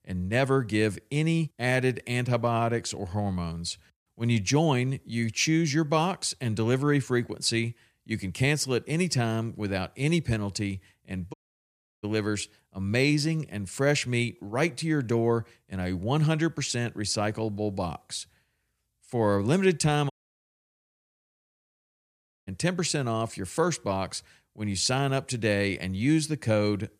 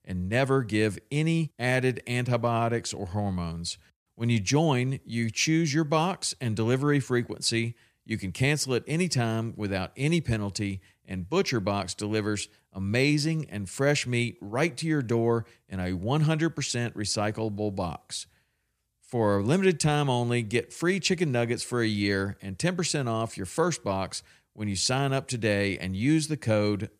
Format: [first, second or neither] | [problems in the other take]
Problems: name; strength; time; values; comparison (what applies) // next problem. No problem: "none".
second | audio cutting out; at 11 s for 0.5 s and at 20 s for 2.5 s